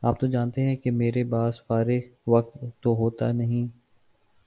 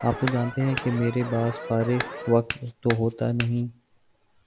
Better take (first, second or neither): first